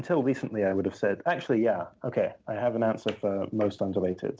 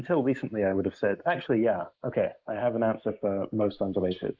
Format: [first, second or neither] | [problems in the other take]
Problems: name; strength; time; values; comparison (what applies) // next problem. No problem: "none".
first | noise reduction (neural mask model Resemble Enhance denoiser)